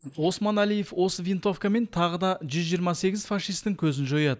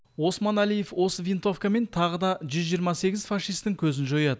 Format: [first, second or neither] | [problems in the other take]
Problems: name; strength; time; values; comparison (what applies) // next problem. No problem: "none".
second | noise reduction (neural mask model Resemble Enhance denoiser)